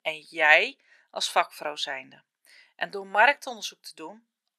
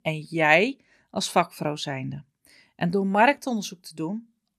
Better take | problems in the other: second | thin; very; fading below 650 Hz

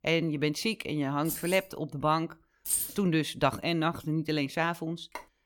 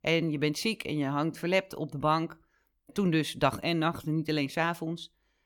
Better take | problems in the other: second | jangling keys; noticeable; at 1.5 s; peak 6 dB below the speech // jangling keys; loud; at 2.5 s; peak 1 dB above the speech // phone ringing; faint; at 5 s; peak 15 dB below the speech

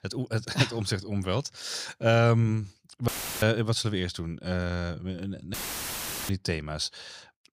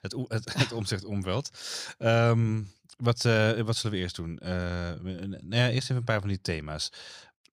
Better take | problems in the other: second | audio cutting out; filled with static; at 3 s and at 5.5 s for 1 s

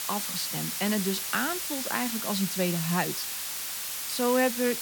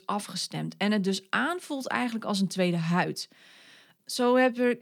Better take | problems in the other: second | hiss; loud; throughout; 1 dB below the speech

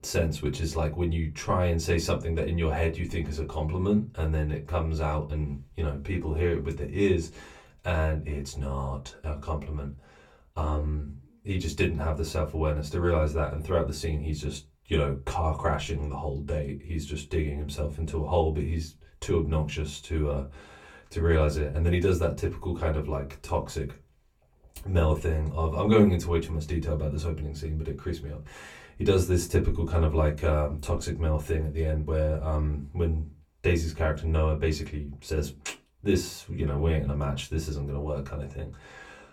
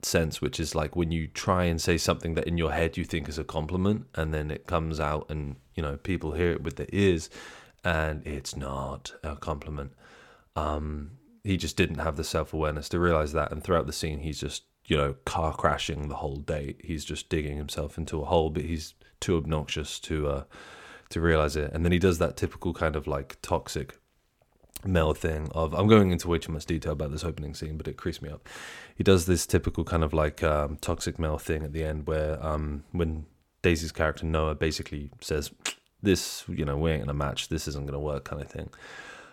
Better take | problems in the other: second | off-mic speech; far // room echo; very slight; dies away in 0.2 s

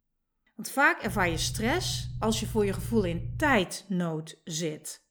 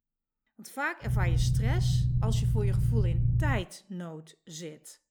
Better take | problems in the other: first | low rumble; loud; from 1 to 3.5 s; 4 dB below the speech; faint in the first

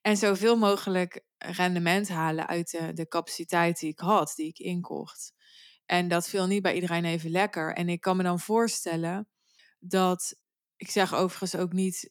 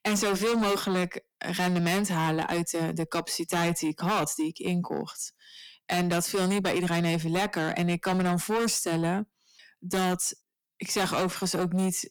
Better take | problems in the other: first | distortion; heavy; 6 dB below the speech

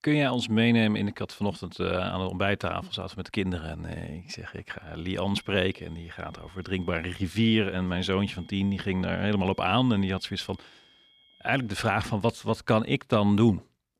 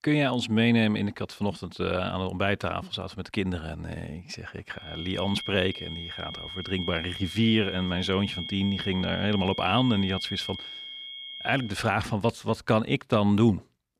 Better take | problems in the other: first | high-pitched whine; loud; from 5 to 12 s; 3 kHz, 8 dB below the speech; faint in the first

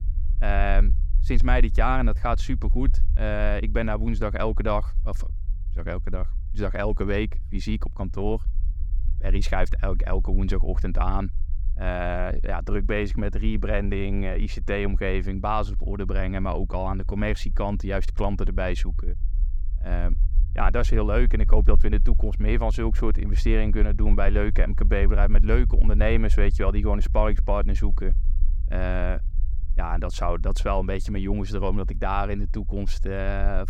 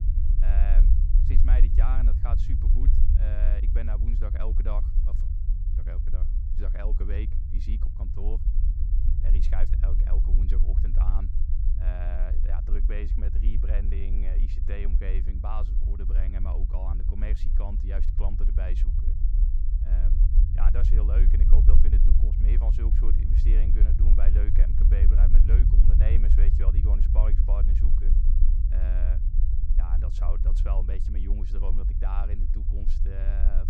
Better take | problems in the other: first | low rumble; loud; throughout; 3 dB below the speech; faint in the first

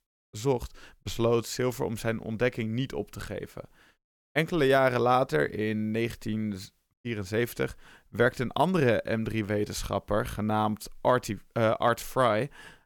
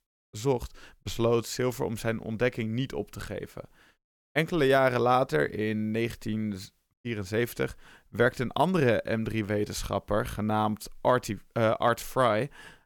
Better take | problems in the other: neither | none

